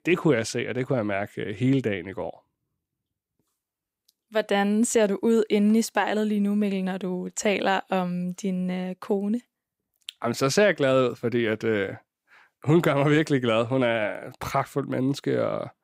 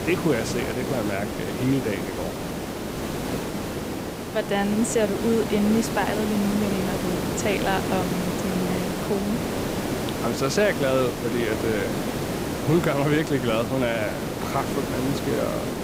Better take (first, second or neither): first